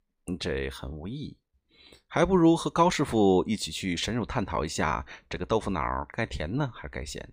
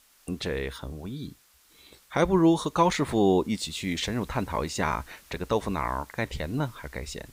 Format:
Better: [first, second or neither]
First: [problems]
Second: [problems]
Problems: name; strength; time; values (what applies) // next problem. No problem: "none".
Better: first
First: none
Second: hiss; faint; throughout; 25 dB below the speech